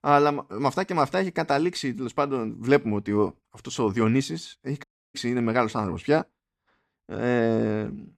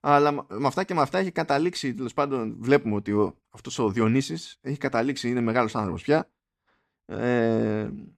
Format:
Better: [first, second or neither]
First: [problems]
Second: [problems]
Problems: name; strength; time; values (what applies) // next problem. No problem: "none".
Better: second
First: audio cutting out; at 5 s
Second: none